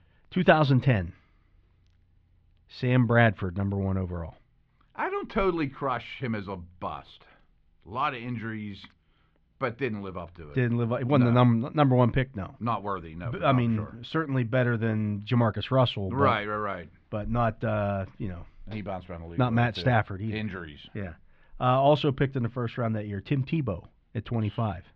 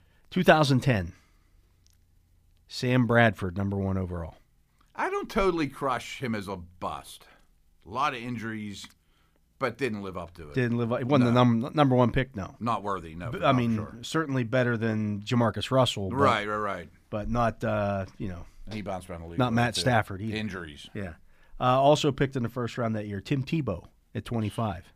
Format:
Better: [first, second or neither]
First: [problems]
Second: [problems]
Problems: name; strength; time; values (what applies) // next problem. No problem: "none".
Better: second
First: muffled; slightly; fading above 3.5 kHz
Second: none